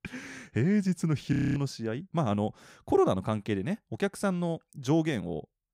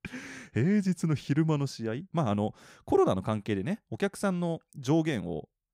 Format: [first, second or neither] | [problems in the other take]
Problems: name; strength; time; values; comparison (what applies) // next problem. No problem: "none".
second | audio freezing; at 1.5 s